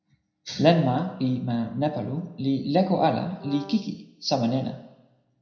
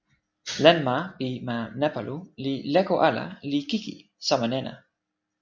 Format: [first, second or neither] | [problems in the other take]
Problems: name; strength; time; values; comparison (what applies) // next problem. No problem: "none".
second | background sound (Brass instrument); 18 dB below the speech // room echo; dies away in 0.8 s